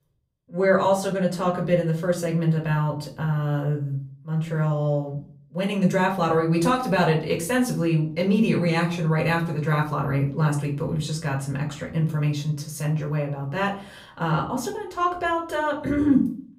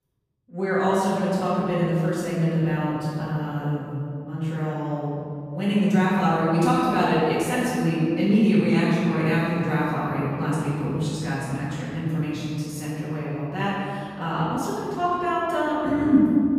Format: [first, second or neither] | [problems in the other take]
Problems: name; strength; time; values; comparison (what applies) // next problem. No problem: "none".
first | room echo; strong; dies away in 2.6 s; slight in the first // off-mic speech; far; far in the first